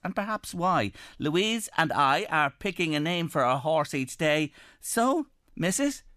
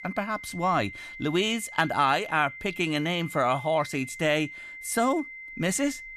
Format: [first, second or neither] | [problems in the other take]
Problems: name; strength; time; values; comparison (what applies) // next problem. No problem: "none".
first | high-pitched whine; noticeable; throughout; 2 kHz, 15 dB below the speech